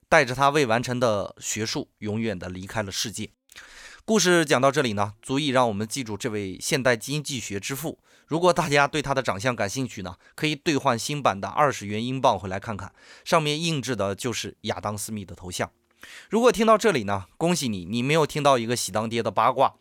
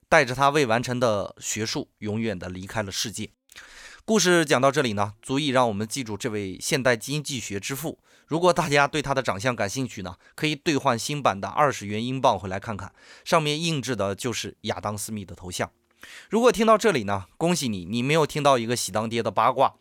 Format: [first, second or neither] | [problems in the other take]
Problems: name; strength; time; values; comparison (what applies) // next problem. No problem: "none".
neither | none